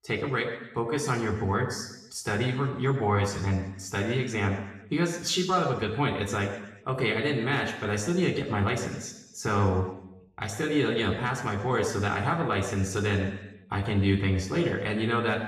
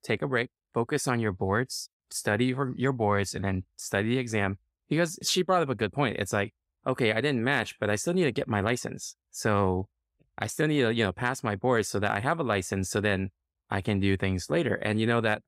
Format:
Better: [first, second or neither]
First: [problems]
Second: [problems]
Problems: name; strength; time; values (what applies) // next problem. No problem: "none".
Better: second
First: room echo; noticeable; dies away in 1 s // off-mic speech; somewhat distant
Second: none